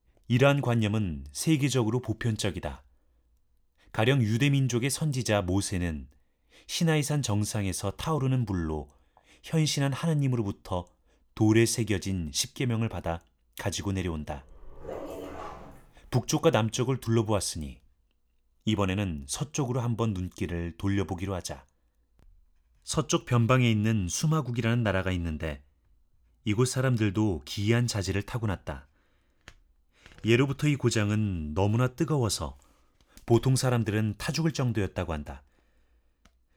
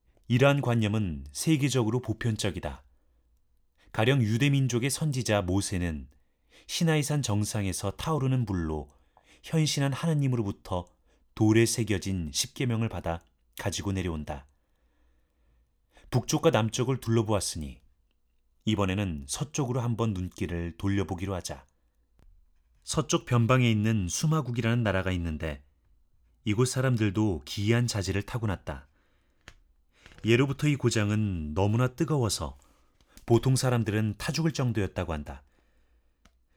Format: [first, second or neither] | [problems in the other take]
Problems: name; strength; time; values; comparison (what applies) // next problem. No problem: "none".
second | dog barking; faint; from 14 to 16 s; peak 10 dB below the speech